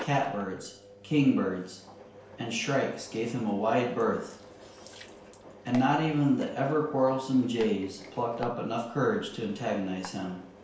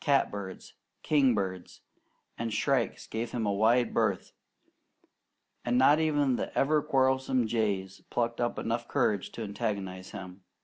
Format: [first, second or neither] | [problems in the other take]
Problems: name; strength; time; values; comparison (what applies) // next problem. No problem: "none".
second | background sound (Engine); 18 dB below the speech // room echo; dies away in 0.5 s